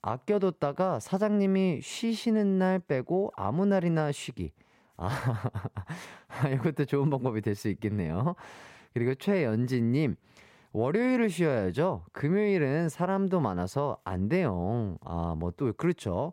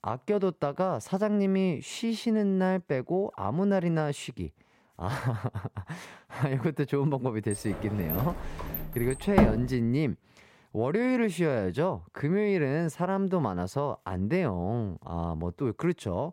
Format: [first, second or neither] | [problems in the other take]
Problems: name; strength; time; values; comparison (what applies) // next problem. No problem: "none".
first | door banging; loud; from 7.5 to 9.5 s; peak 5 dB above the speech